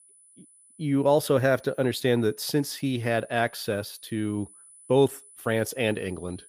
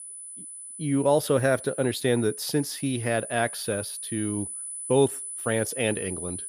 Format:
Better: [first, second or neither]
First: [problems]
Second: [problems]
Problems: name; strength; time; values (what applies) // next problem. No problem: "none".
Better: first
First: high-pitched whine; faint; throughout; 10 kHz, 25 dB below the speech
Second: high-pitched whine; loud; throughout; 10 kHz, 8 dB below the speech